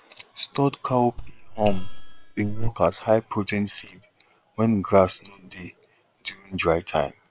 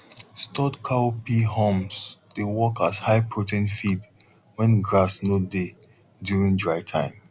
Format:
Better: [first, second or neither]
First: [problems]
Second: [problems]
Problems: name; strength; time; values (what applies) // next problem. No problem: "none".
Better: second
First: noise reduction (neural separator model SepFormer WHAM!)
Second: none